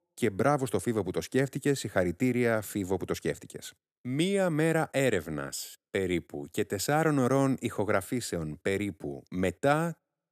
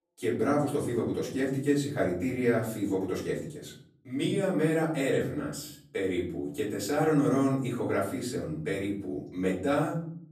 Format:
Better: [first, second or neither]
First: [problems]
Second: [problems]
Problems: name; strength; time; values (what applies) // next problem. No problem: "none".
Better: first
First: none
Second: room echo; slight; dies away in 0.6 s // off-mic speech; far